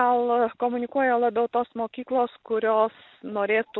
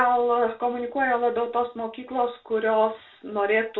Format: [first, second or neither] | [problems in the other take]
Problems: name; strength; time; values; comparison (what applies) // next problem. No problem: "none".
first | room echo; dies away in 0.3 s